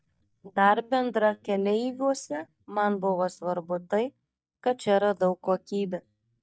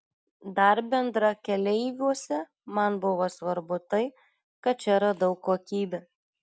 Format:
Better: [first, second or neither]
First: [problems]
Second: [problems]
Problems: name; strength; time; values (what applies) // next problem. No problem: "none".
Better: second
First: noise reduction (neural mask model DeepFilterNet 3)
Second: none